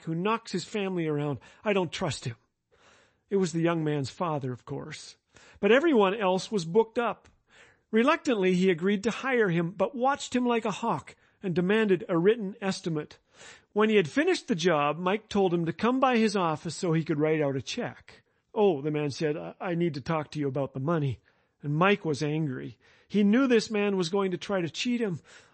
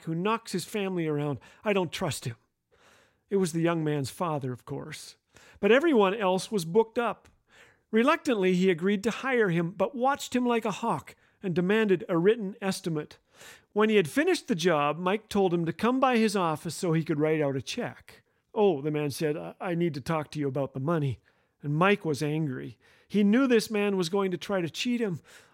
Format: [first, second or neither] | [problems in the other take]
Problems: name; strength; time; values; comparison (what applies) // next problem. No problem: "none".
second | garbled, watery; slightly; nothing above 8 kHz